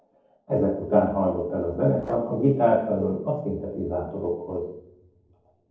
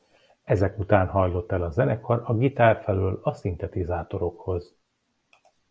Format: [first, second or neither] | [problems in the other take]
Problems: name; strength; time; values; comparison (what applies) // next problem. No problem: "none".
second | noise reduction (neural separator model SepFormer DNS4)